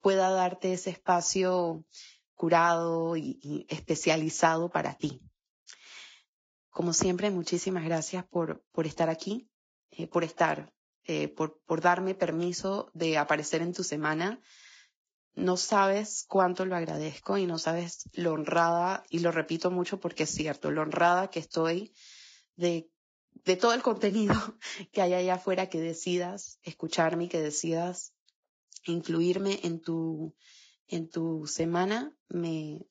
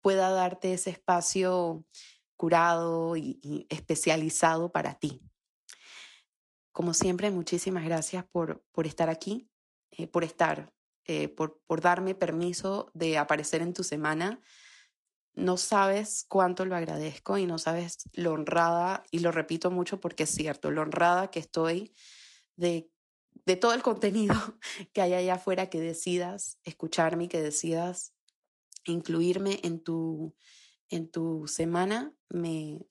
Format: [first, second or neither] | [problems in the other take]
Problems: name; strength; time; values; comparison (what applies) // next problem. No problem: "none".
second | garbled, watery; badly; nothing above 7.5 kHz; slightly in the second